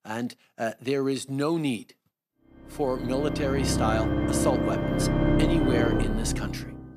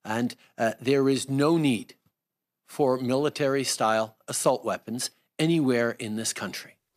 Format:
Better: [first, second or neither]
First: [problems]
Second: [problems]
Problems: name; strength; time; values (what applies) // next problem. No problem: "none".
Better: second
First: background music; very loud; from 3 s on; 3 dB above the speech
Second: none